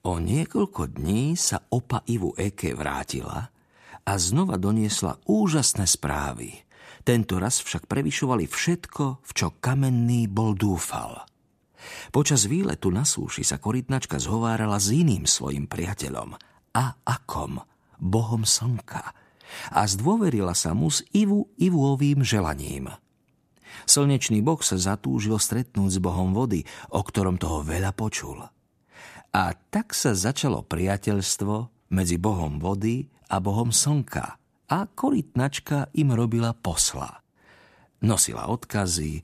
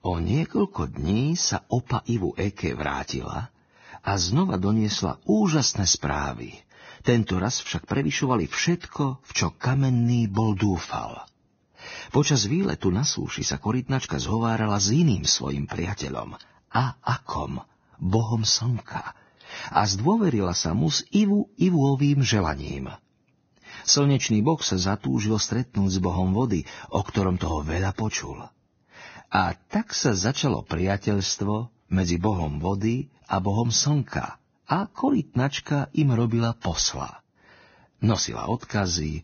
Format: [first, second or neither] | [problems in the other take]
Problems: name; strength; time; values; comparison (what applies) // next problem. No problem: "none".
first | garbled, watery; badly; nothing above 6.5 kHz